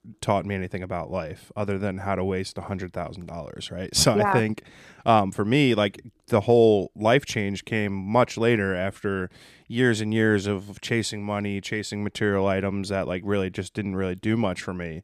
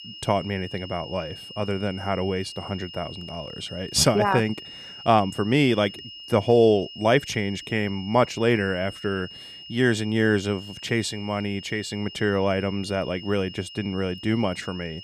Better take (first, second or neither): first